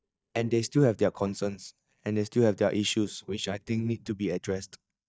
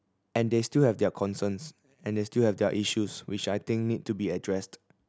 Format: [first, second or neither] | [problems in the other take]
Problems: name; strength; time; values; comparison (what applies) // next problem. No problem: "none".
second | noise reduction (neural mask model DeepFilterNet 3)